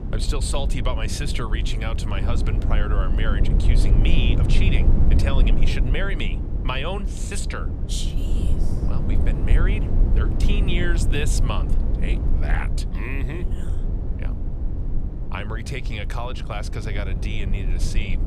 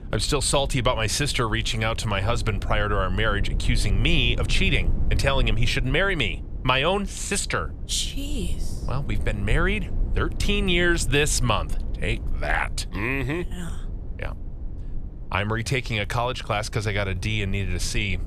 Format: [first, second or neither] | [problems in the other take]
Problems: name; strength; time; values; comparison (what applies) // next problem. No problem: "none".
second | low rumble; loud; throughout; 6 dB below the speech; faint in the second